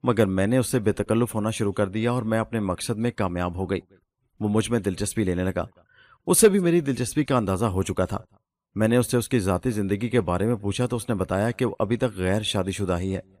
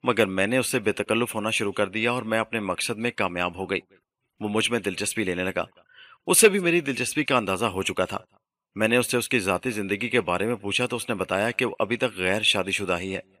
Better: first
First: none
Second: thin; very slightly; fading below 400 Hz

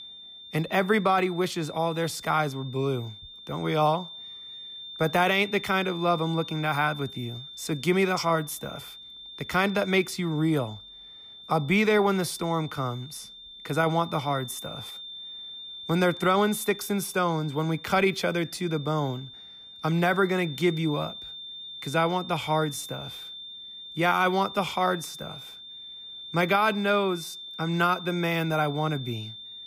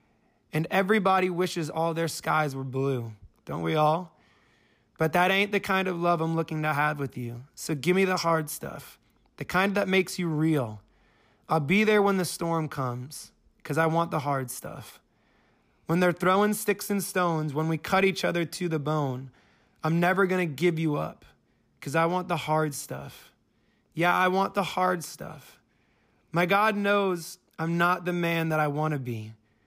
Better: second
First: high-pitched whine; noticeable; throughout; 3.5 kHz, 15 dB below the speech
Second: none

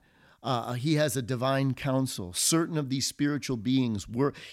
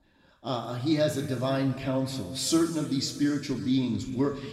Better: first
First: none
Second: room echo; noticeable; dies away in 2 s // off-mic speech; somewhat distant

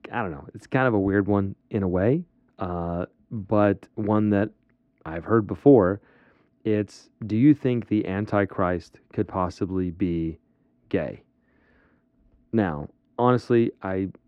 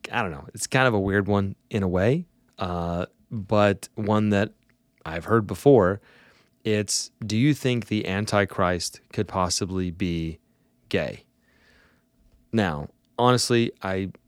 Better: second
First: muffled; very; fading above 3.5 kHz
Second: none

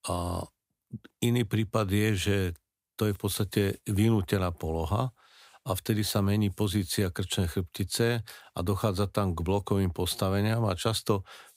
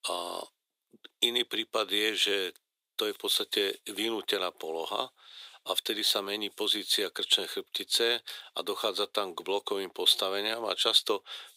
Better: first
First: none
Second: thin; very; fading below 350 Hz

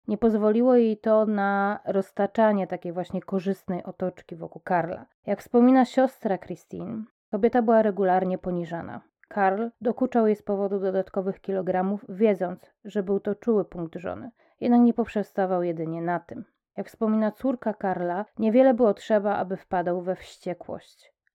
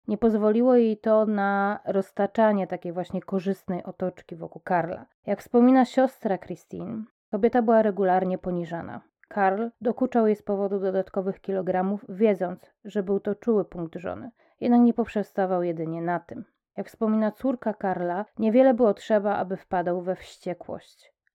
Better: neither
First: muffled; very; fading above 2.5 kHz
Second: muffled; very; fading above 2.5 kHz

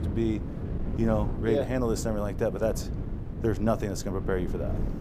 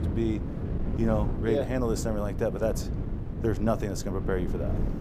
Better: first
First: wind noise on the microphone; occasional gusts; 10 dB below the speech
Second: wind noise on the microphone; heavy; 10 dB below the speech

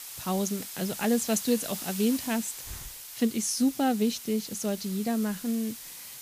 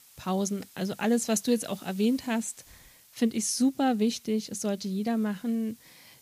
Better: second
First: hiss; loud; throughout; 9 dB below the speech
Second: hiss; faint; throughout; 25 dB below the speech

